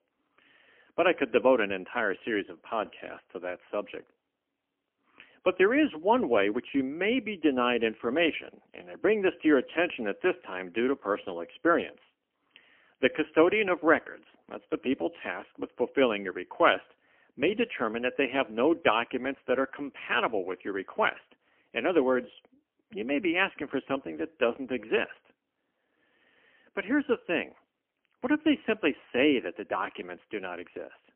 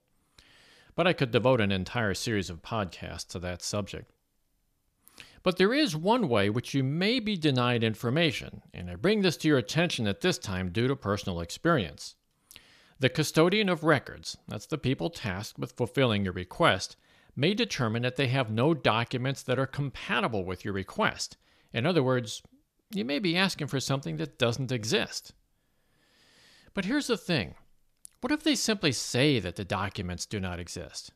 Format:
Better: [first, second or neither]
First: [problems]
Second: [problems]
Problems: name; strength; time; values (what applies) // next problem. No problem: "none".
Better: second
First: phone-call audio; poor line; nothing above 3 kHz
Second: none